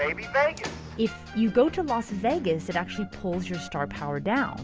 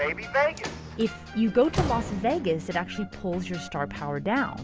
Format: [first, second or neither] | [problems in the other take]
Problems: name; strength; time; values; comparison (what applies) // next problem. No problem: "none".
first | background sound (Slam); 11 dB below the speech